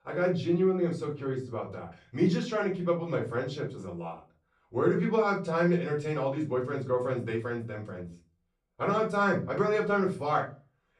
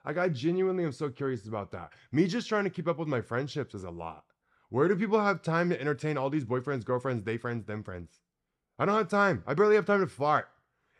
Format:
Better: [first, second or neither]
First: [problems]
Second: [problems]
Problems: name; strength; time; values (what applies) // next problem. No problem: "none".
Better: second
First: off-mic speech; far // room echo; very slight; dies away in 0.3 s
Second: none